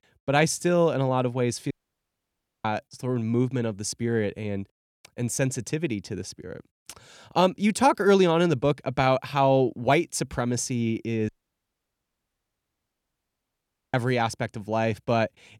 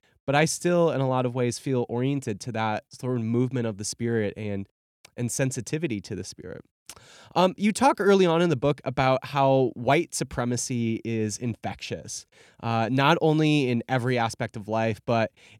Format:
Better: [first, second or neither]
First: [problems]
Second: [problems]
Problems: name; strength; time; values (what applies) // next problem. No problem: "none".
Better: second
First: audio cutting out; at 1.5 s for 1 s and at 11 s for 2.5 s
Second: none